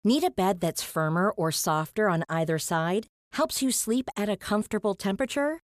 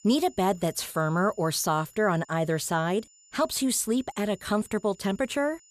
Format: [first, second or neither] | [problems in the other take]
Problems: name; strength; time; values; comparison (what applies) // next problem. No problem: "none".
first | high-pitched whine; faint; throughout; 7 kHz, 25 dB below the speech